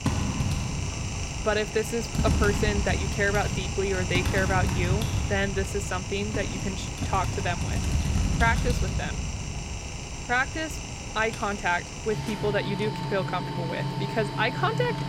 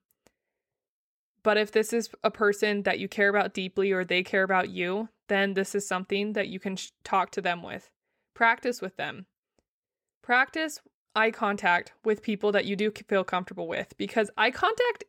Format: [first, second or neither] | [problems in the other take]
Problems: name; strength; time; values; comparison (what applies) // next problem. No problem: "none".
second | household noises; loud; throughout; 1 dB below the speech